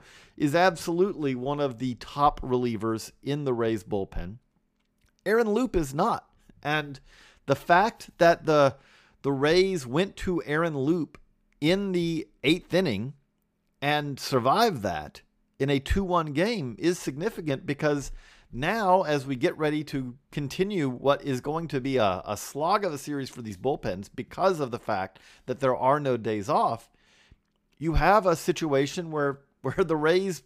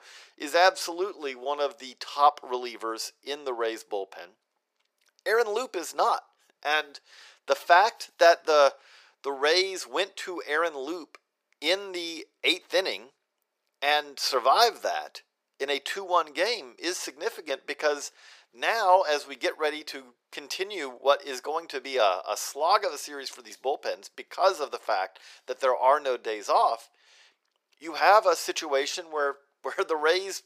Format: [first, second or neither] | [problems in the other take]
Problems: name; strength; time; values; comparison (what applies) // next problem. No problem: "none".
first | thin; very; fading below 450 Hz